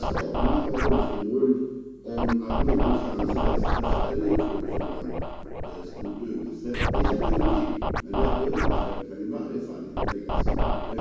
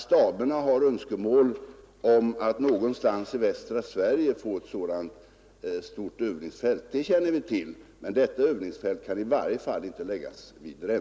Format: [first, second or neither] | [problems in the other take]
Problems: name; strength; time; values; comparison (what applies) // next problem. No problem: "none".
second | background sound (Scratching (performance technique)); 3 dB above the speech // room echo; dies away in 1.2 s